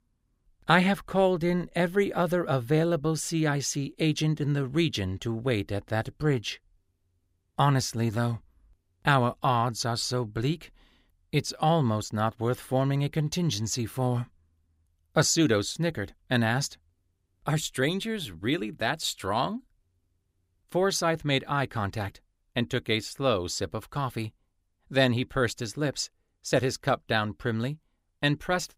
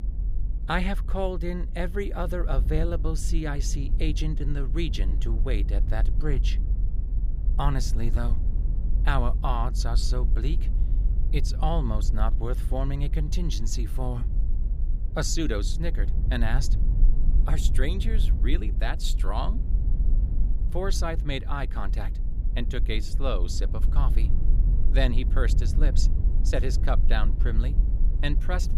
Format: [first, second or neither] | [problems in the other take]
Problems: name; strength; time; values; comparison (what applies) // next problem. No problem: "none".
first | low rumble; noticeable; throughout; 15 dB below the speech